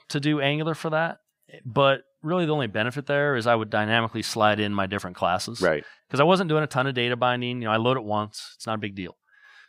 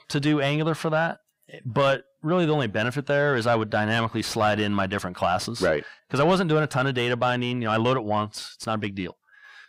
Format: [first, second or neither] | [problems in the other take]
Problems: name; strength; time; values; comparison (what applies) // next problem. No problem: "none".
first | distortion; slight; 10 dB below the speech